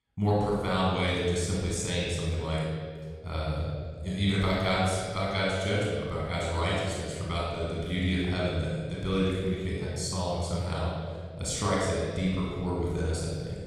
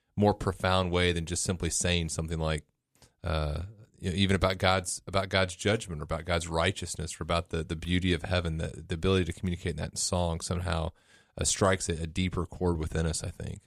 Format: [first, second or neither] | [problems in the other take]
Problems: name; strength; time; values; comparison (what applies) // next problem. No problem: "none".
second | off-mic speech; far // room echo; strong; dies away in 1.9 s